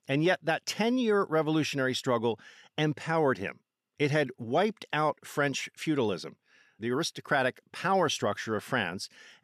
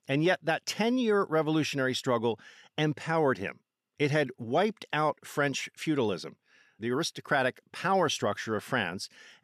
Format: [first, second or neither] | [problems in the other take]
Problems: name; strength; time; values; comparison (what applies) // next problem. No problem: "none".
neither | none